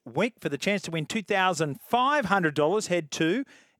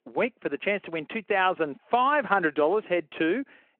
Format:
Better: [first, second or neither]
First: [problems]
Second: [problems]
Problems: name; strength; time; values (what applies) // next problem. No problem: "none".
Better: first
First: none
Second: phone-call audio